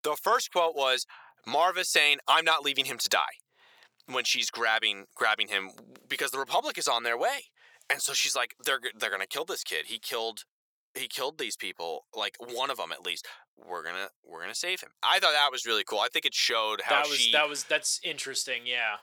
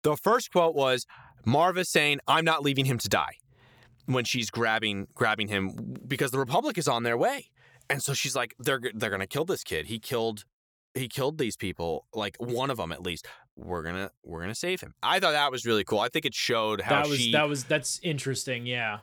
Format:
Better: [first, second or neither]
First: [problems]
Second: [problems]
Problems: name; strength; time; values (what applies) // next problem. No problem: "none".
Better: second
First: thin; very; fading below 600 Hz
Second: none